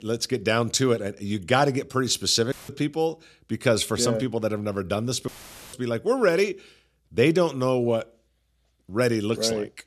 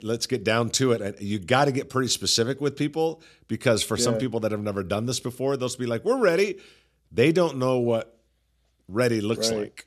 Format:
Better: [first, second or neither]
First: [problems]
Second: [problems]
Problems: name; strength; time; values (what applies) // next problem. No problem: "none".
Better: second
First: audio cutting out; filled with static; at 2.5 s and at 5.5 s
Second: none